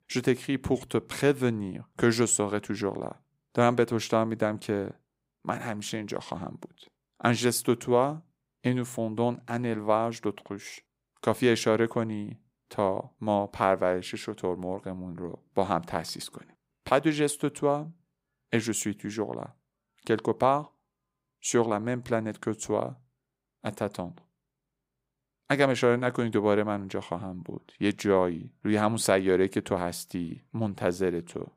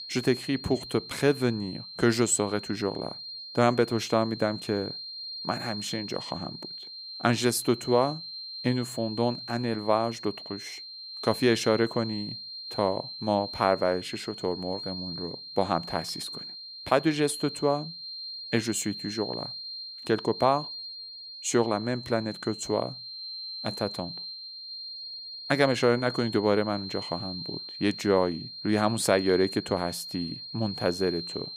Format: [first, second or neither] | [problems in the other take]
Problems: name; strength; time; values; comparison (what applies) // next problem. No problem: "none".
first | high-pitched whine; loud; throughout; 4 kHz, 9 dB below the speech